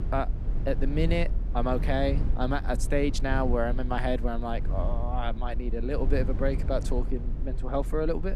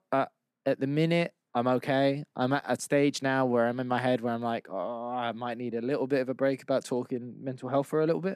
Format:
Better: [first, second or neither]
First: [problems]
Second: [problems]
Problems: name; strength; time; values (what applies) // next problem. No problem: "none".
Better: second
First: low rumble; noticeable; throughout; 15 dB below the speech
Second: none